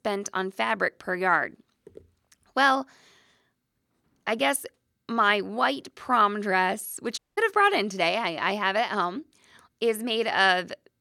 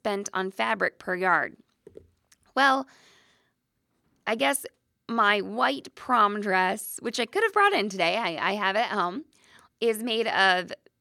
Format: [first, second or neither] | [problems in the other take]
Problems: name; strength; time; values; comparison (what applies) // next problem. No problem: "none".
second | audio cutting out; at 7 s